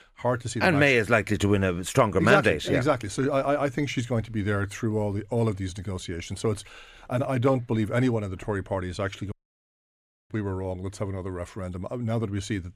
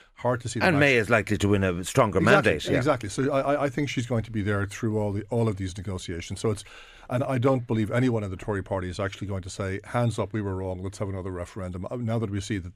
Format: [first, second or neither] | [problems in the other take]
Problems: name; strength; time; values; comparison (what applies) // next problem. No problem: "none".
second | audio cutting out; at 9.5 s for 1 s